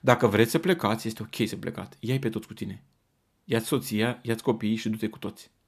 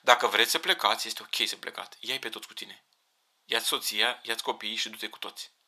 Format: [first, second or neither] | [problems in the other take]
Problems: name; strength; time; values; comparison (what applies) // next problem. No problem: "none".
first | thin; very; fading below 900 Hz